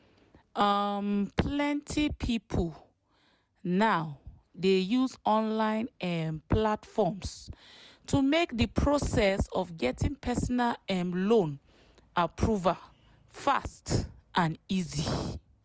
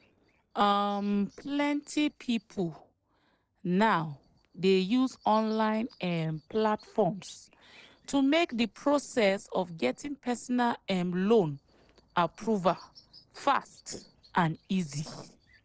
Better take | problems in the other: first | noise reduction (neural separator model SepFormer DNS4)

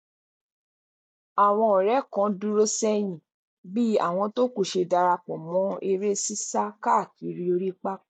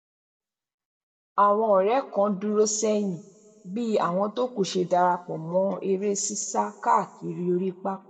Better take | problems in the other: first | room echo; dies away in 2 s

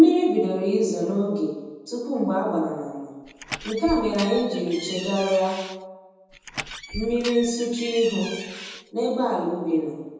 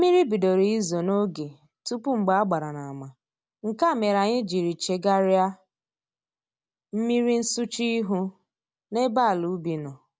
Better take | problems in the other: second | background sound (Door); 12 dB below the speech // room echo; dies away in 1.1 s

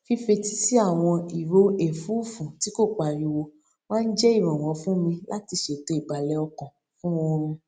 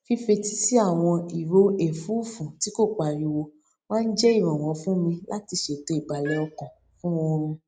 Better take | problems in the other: first | noise reduction (neural mask model Resemble Enhance denoiser)

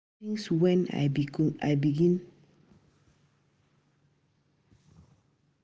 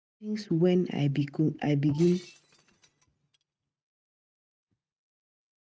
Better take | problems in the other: first | noise reduction (neural mask model RNNoise)

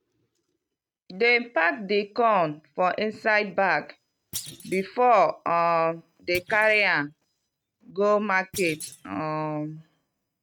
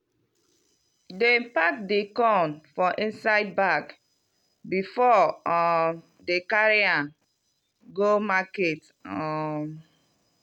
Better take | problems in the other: second | noise reduction (neural mask model RNNoise)

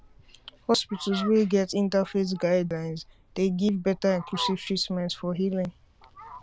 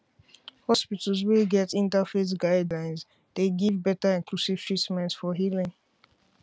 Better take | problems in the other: second | background sound (Fowl); 17 dB below the speech

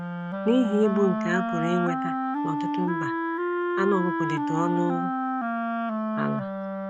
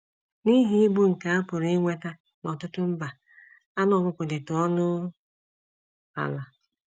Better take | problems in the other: second | background sound (Wind instrument, woodwind instrument); as loud as the speech

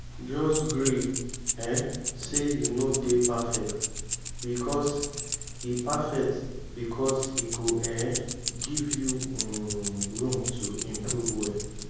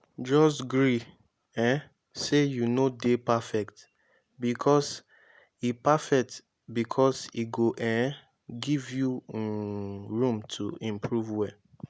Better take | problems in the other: second | background sound (Keys jangling); 3 dB below the speech // room echo; dies away in 1.3 s

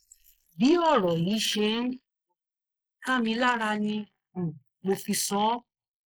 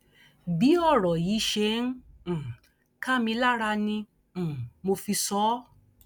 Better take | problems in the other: second | noise reduction (neural mask model Resemble Enhance denoiser)

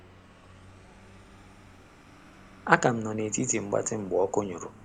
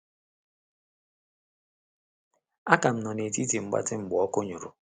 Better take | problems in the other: second | background sound (Vehicle); 20 dB below the speech

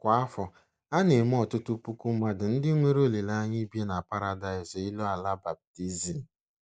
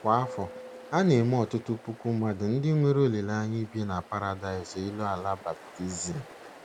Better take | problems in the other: first | background sound (Ocean); 19 dB below the speech

